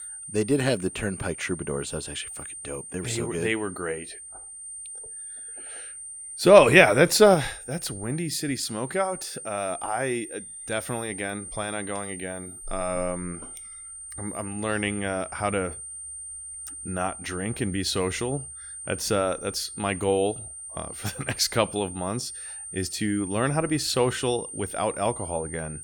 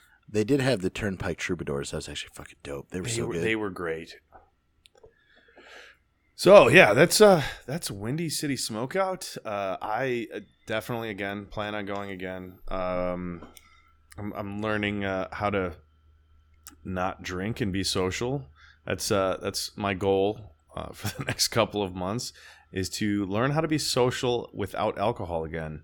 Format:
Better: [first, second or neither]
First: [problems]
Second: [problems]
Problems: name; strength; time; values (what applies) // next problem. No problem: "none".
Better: second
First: high-pitched whine; noticeable; throughout; 9 kHz, 10 dB below the speech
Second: none